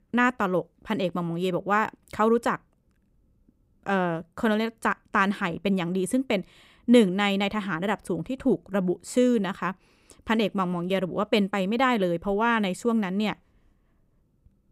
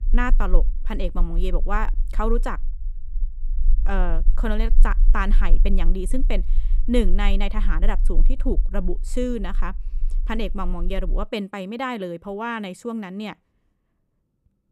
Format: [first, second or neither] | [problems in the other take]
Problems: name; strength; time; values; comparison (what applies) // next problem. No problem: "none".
first | low rumble; faint; until 11 s; 25 dB below the speech